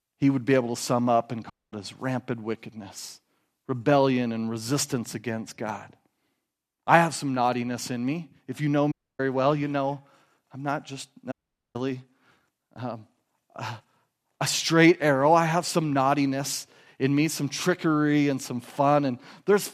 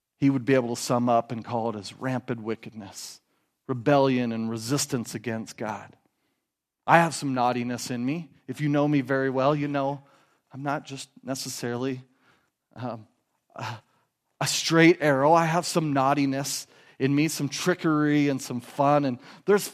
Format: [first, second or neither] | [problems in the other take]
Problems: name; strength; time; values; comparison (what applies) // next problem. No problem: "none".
second | audio cutting out; at 1.5 s, at 9 s and at 11 s